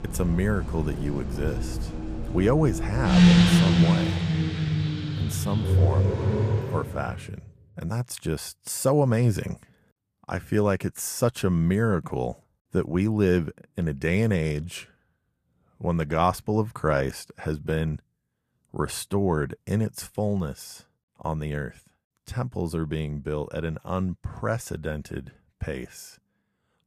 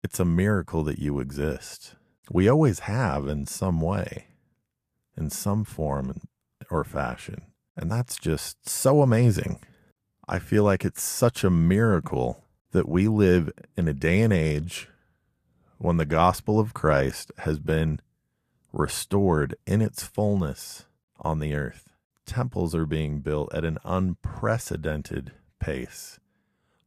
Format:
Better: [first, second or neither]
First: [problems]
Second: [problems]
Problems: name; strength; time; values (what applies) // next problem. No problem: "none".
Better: second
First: traffic noise; very loud; until 6.5 s; 4 dB above the speech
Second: none